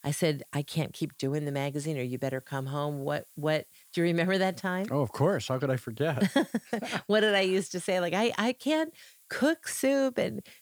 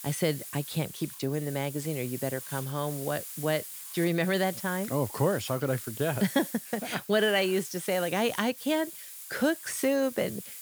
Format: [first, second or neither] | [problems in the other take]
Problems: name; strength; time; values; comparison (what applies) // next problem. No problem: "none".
first | hiss; loud; throughout; 10 dB below the speech; faint in the first